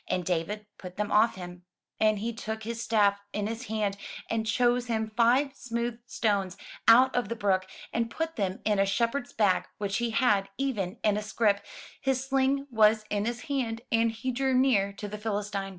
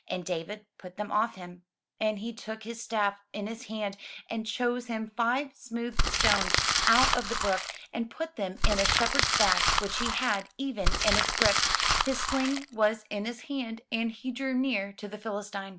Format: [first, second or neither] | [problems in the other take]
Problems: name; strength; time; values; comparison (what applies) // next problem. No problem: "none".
first | background sound (Crumpling, crinkling); 4 dB above the speech